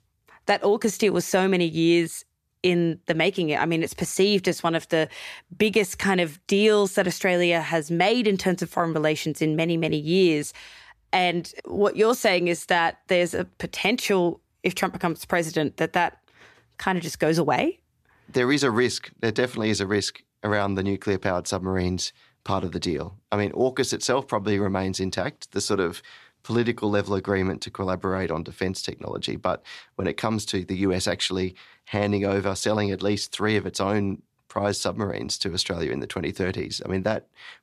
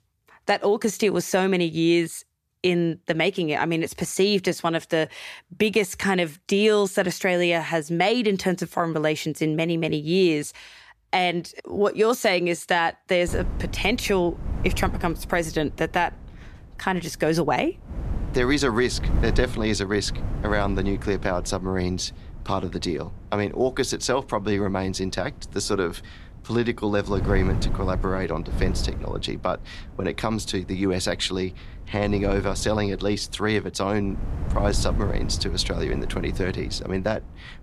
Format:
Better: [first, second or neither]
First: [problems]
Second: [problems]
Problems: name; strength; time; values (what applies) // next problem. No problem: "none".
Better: first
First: none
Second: wind noise on the microphone; occasional gusts; from 13 s on; 20 dB below the speech